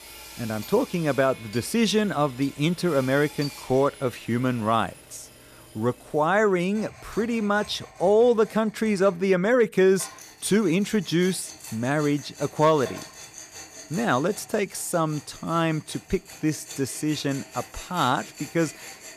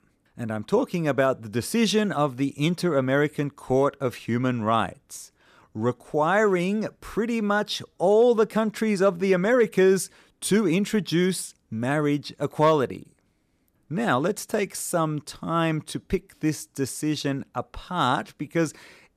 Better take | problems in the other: second | machinery noise; noticeable; throughout; 15 dB below the speech

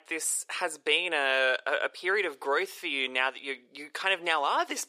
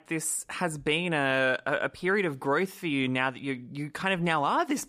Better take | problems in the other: second | thin; very; fading below 400 Hz

